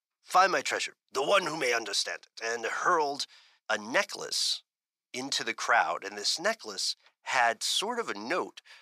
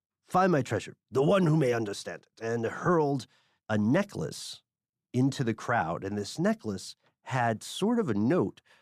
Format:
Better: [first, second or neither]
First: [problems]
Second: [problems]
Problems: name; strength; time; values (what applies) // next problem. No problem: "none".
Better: second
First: thin; very; fading below 800 Hz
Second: none